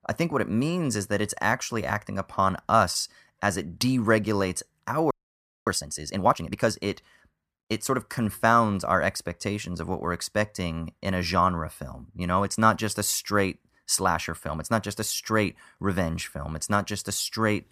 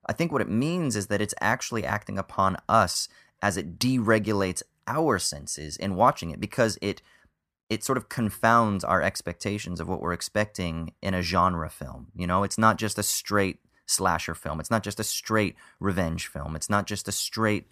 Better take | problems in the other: second | audio freezing; at 5 s for 0.5 s

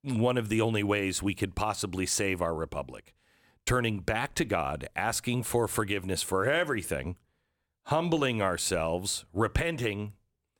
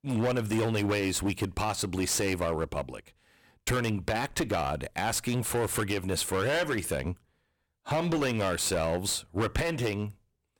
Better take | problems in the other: first | distortion; heavy; 14% of the sound clipped

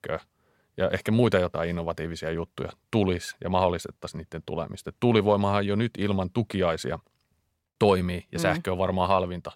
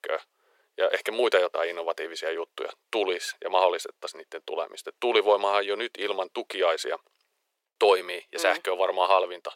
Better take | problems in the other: first | thin; very; fading below 400 Hz

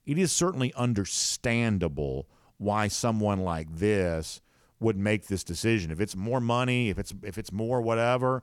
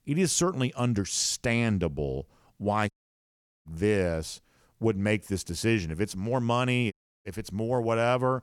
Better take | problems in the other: first | audio cutting out; at 3 s for 1 s and at 7 s

